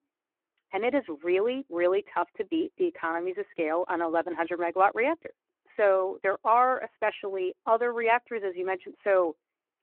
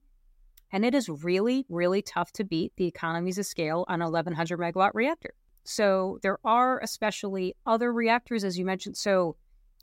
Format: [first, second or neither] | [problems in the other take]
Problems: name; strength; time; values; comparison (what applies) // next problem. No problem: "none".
second | phone-call audio